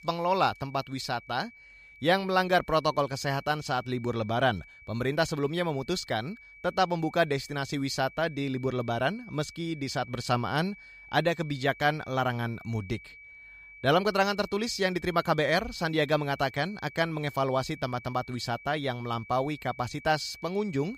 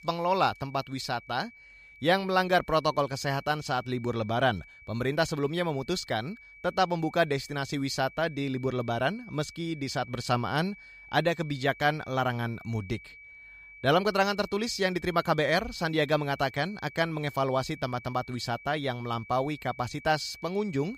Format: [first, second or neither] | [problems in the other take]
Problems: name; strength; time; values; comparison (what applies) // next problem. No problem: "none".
neither | high-pitched whine; noticeable; throughout; 2.5 kHz, 20 dB below the speech; the same in both